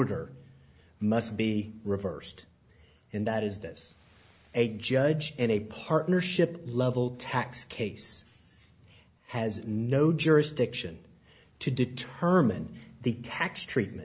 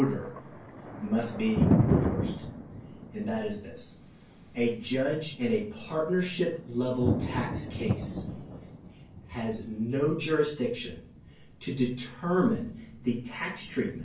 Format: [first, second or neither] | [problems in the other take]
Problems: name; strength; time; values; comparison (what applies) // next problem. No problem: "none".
first | background sound (Thunder); 3 dB below the speech // room echo; dies away in 0.3 s